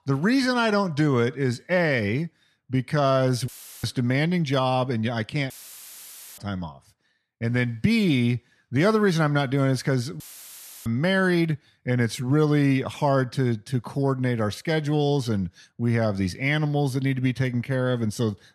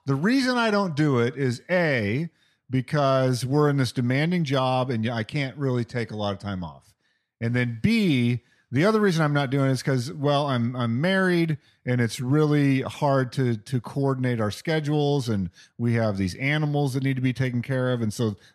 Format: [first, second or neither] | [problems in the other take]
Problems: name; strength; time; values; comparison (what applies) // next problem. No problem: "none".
second | audio cutting out; filled with static; at 3.5 s, at 5.5 s for 1 s and at 10 s for 0.5 s